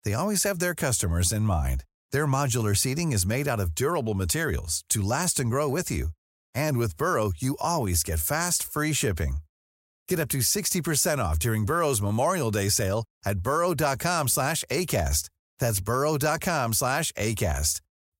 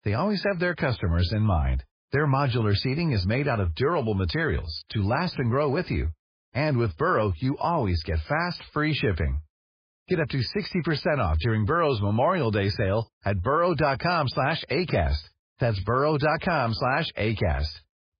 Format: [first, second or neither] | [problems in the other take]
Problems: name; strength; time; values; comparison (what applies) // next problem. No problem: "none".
first | garbled, watery; badly; nothing above 5 kHz